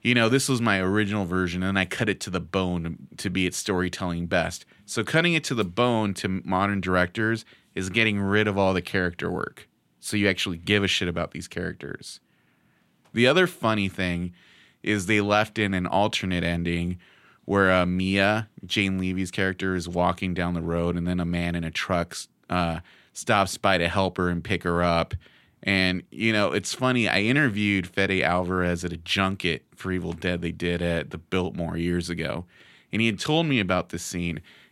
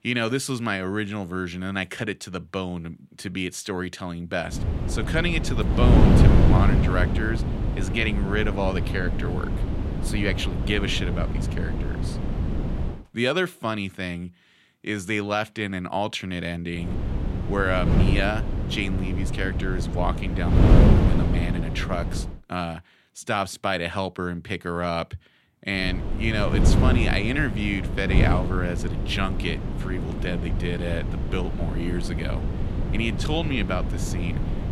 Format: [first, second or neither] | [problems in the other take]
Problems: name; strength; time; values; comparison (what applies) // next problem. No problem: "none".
first | wind noise on the microphone; heavy; from 4.5 to 13 s, from 17 to 22 s and from 26 s on; 5 dB below the speech